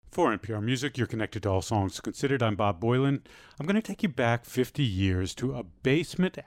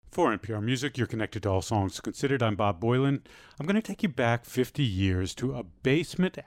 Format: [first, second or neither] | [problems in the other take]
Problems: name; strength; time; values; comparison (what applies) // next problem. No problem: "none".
neither | none